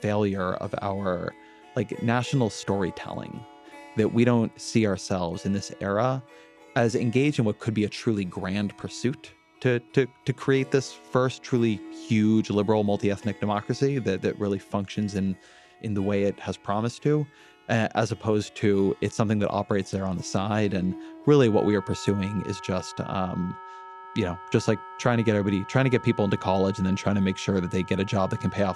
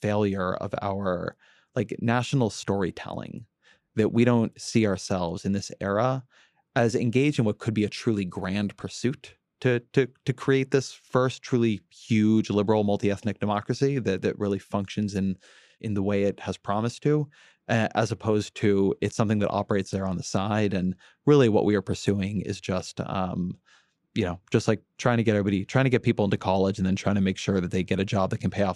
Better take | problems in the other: second | background music; noticeable; throughout; 20 dB below the speech

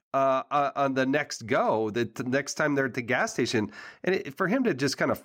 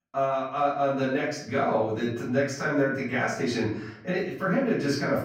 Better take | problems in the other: first | off-mic speech; far // room echo; noticeable; dies away in 0.7 s

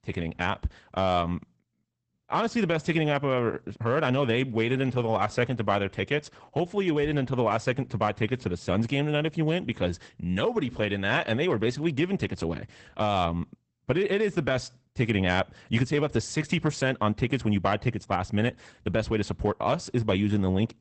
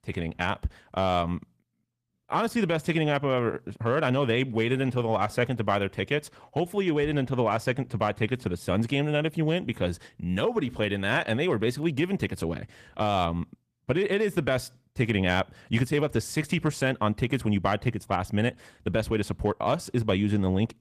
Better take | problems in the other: second | garbled, watery; badly; nothing above 8 kHz; slightly in the second

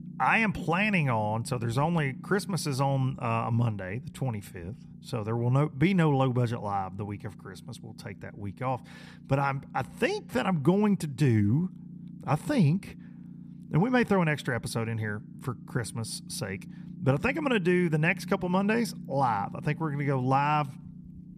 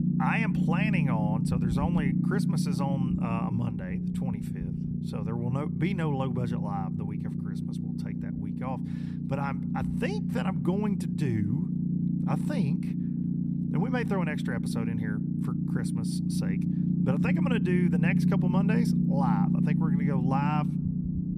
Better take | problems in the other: first | low rumble; loud; throughout; 1 dB below the speech; faint in the first

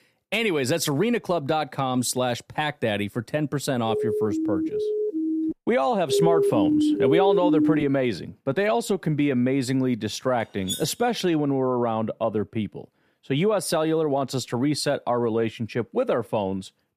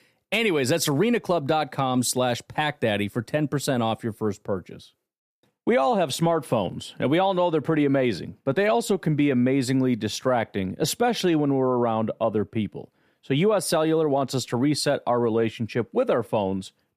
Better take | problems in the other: second | siren; noticeable; from 4 to 5.5 s; peak 1 dB below the speech // siren; loud; from 6 to 8 s; peak 4 dB above the speech // clattering dishes; noticeable; at 11 s; peak 6 dB below the speech

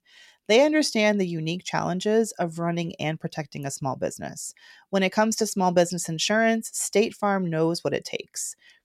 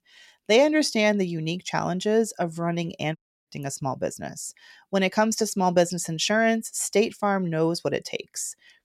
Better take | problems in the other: first | audio cutting out; at 3 s

